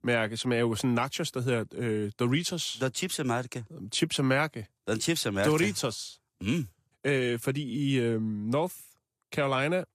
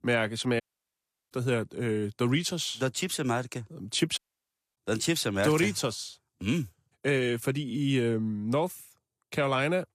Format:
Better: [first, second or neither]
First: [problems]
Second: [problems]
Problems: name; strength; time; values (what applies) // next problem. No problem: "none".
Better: first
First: none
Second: audio cutting out; at 0.5 s for 0.5 s and at 4 s for 0.5 s